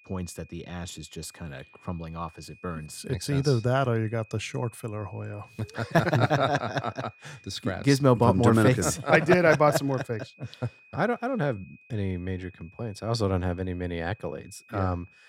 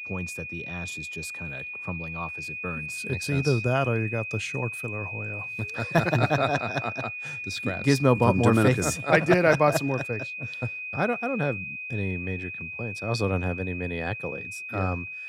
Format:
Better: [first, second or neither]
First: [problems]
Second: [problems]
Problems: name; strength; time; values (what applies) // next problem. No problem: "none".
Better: first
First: high-pitched whine; faint; throughout; 2.5 kHz, 30 dB below the speech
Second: high-pitched whine; loud; throughout; 2.5 kHz, 7 dB below the speech